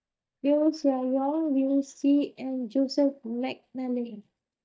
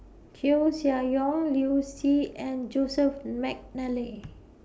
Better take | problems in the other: second | noise reduction (neural mask model DeepFilterNet 3)

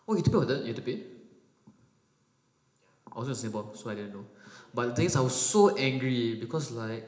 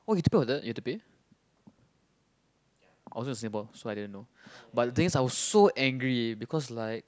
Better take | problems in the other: second | room echo; dies away in 0.8 s

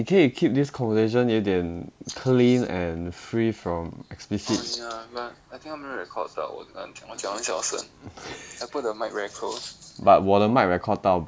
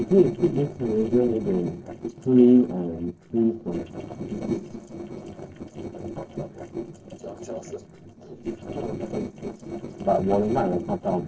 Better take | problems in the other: first | noise reduction (neural separator model SepFormer DNS4)

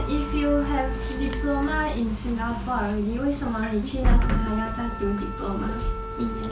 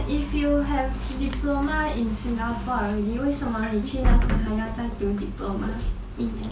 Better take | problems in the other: second | background sound (Wind instrument, woodwind instrument); 14 dB below the speech

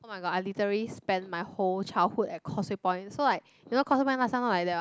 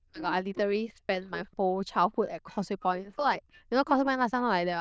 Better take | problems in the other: first | noise reduction (neural diffusion model UNIVERSE++)

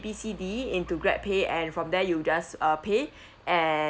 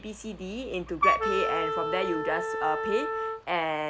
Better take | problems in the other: first | background sound (Wind instrument, woodwind instrument); 2 dB above the speech

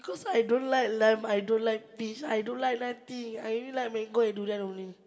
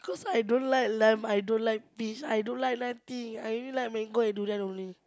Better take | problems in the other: second | room echo; dies away in 1.2 s

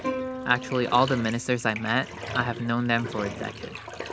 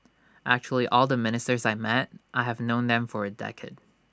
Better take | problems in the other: second | background sound (Plucked string instrument + Bathtub (filling or washing)); 8 dB below the speech

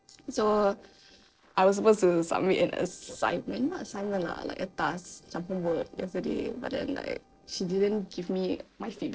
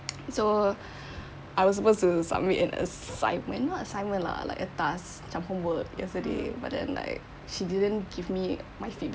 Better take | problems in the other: second | noise reduction (neural separator model SepFormer DNS4)

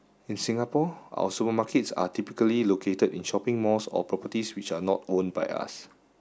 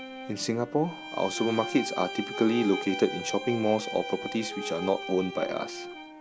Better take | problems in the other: first | background sound (Bowed string instrument + Wind instrument, woodwind instrument); 8 dB below the speech

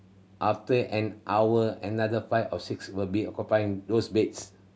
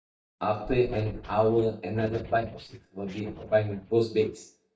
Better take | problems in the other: first | noise reduction (neural mask model DeepFilterNet 3)

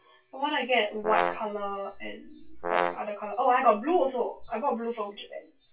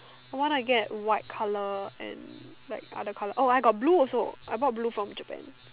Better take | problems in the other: second | noise reduction (classical method WPE with log-MMSE)

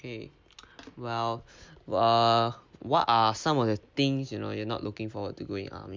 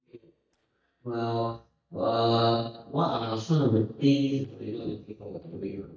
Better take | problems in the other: first | noise reduction (neural mask model DeepFilterNet 3)

